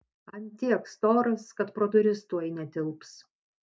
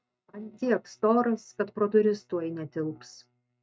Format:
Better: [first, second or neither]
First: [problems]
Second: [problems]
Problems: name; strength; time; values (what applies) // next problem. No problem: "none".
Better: first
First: none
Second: noise reduction (neural mask model RNNoise)